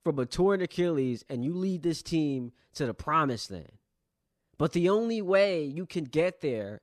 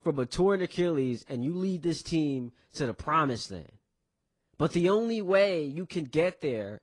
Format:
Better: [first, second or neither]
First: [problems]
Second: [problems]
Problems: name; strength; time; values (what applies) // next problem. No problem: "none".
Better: first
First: none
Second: garbled, watery; slightly; nothing above 10 kHz